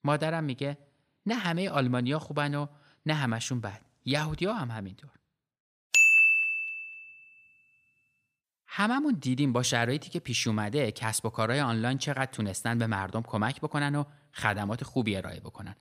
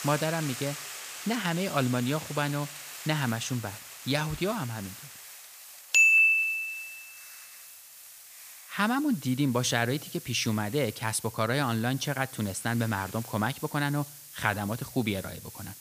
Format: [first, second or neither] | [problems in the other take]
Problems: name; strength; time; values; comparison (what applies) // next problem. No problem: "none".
first | hiss; noticeable; throughout; 15 dB below the speech